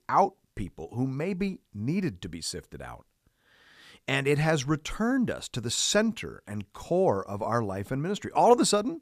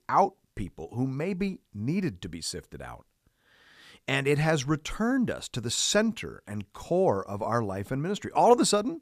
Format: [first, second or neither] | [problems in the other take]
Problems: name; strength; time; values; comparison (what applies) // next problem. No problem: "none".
neither | none